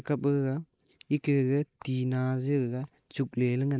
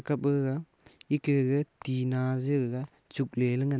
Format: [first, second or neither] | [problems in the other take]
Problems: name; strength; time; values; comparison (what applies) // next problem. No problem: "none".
second | noise reduction (neural mask model Resemble Enhance denoiser)